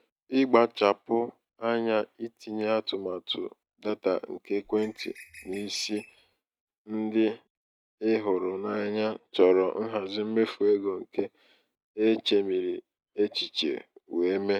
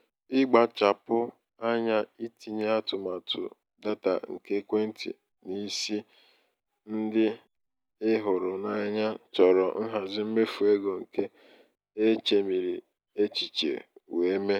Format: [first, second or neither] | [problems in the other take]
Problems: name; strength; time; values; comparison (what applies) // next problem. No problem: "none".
second | noise reduction (neural mask model RNNoise)